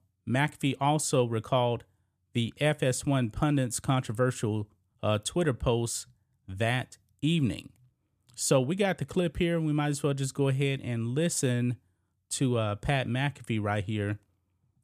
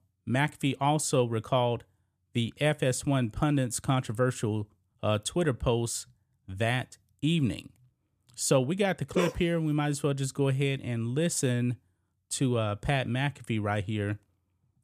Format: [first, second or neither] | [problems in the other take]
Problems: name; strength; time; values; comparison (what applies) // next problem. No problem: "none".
first | dog barking; noticeable; at 9 s; peak 5 dB below the speech